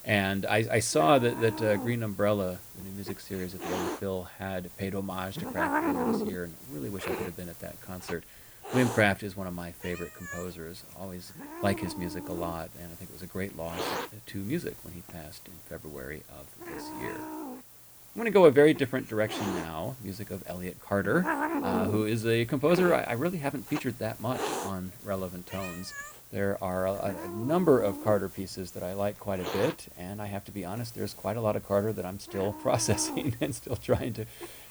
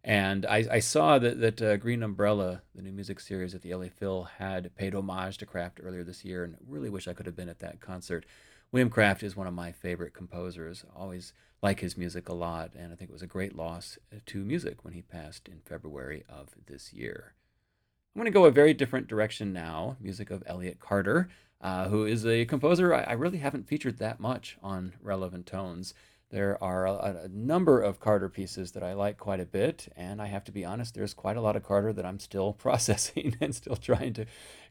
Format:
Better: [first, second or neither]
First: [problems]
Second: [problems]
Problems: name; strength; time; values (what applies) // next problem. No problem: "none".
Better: second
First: hiss; loud; throughout; 9 dB below the speech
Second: none